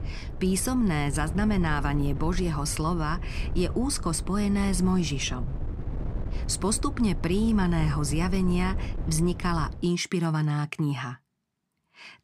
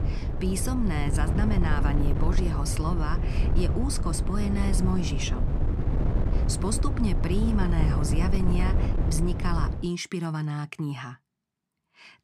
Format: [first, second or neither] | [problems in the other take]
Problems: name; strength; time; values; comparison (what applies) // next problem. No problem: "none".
first | wind noise on the microphone; heavy; until 10 s; 4 dB below the speech; occasional gusts in the first